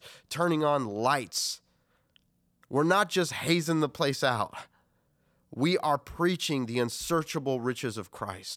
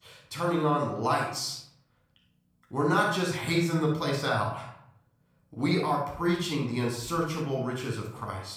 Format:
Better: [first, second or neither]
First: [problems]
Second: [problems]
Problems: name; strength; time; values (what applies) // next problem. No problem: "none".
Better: first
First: none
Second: room echo; noticeable; dies away in 0.6 s // off-mic speech; far